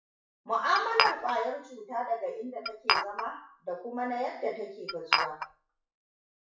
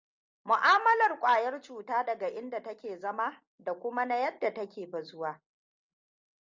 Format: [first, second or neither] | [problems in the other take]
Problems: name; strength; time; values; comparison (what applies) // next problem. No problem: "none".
second | noise reduction (classical method WPE with log-MMSE)